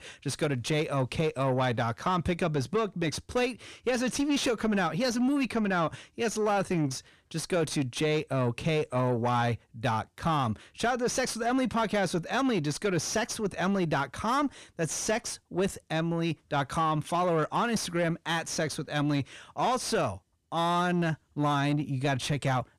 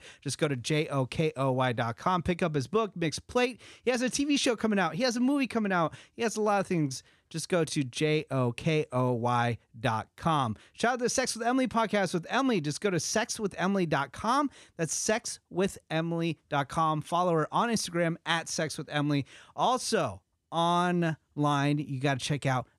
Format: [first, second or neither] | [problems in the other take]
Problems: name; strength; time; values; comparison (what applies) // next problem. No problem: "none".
second | distortion; slight; 10 dB below the speech